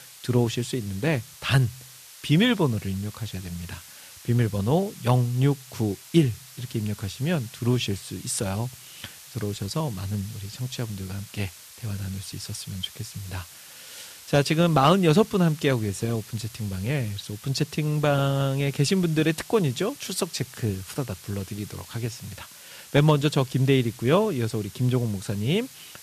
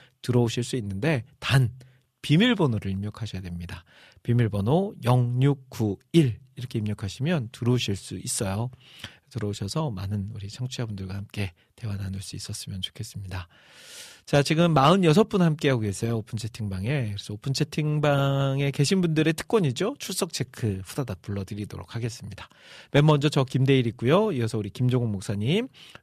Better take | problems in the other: second | hiss; noticeable; throughout; 20 dB below the speech

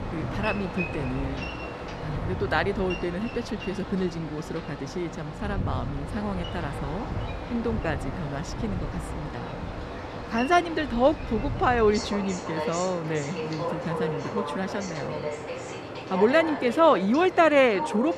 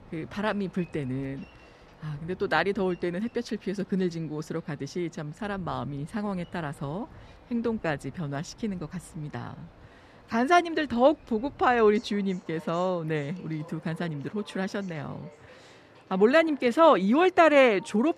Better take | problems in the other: second | train or aircraft noise; loud; throughout; 7 dB below the speech; faint in the second

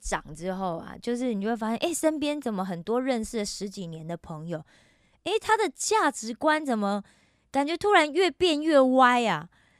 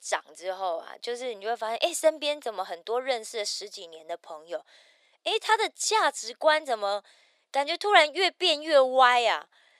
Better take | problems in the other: first | thin; very; fading below 400 Hz

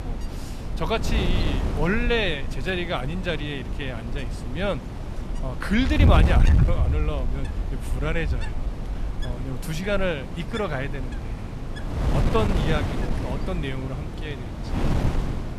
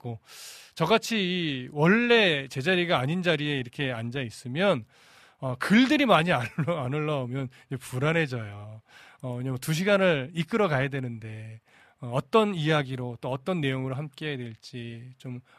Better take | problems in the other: second | wind noise on the microphone; heavy; 7 dB below the speech

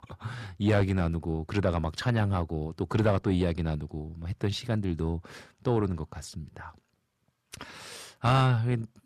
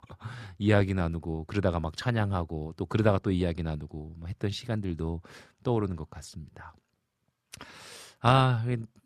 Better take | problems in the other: second | distortion; slight; 10 dB below the speech

